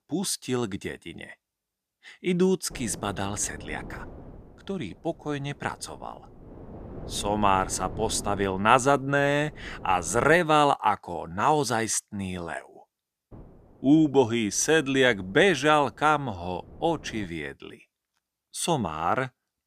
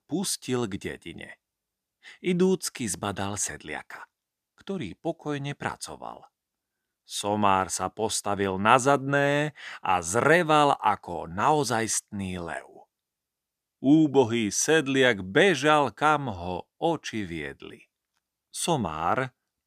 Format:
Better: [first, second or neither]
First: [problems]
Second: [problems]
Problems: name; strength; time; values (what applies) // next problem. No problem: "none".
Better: second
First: wind noise on the microphone; occasional gusts; from 2.5 to 10 s and from 13 to 17 s; 25 dB below the speech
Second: none